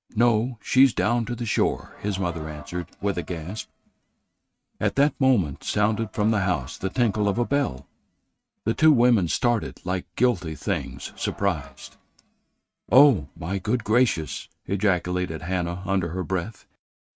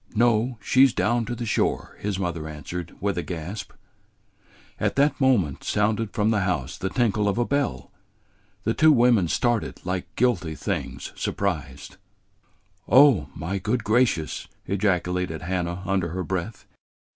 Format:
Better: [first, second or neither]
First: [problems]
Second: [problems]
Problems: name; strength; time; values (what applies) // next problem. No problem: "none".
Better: second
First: noise reduction (neural mask model RNNoise)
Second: none